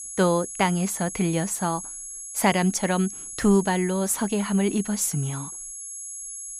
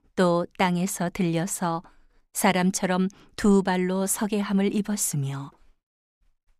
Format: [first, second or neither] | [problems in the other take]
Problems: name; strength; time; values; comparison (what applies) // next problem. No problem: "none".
second | high-pitched whine; loud; throughout; 11 kHz, 10 dB below the speech